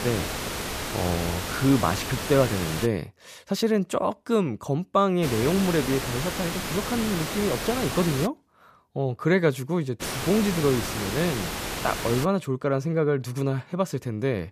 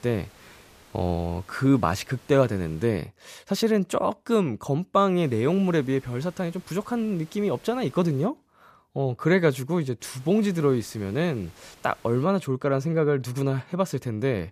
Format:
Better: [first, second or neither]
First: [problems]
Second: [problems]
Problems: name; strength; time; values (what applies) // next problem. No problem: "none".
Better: second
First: hiss; loud; until 3 s, from 5 to 8.5 s and from 10 to 12 s; 5 dB below the speech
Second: hiss; faint; until 3 s, from 5 to 8.5 s and from 10 to 12 s; 25 dB below the speech